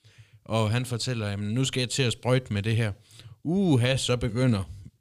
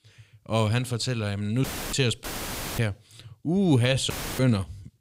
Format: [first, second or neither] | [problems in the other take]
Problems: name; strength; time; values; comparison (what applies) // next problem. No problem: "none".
first | audio cutting out; filled with static; at 1.5 s, at 2 s for 0.5 s and at 4 s